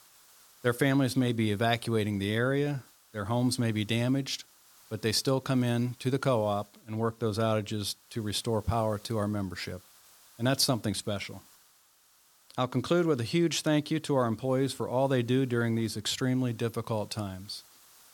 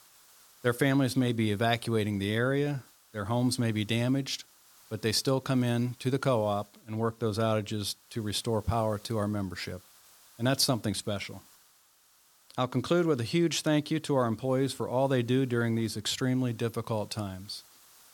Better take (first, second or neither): neither